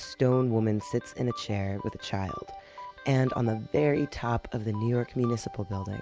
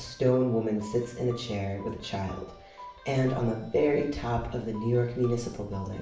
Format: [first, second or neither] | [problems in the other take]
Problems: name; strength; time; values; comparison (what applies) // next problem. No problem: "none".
first | room echo; dies away in 0.6 s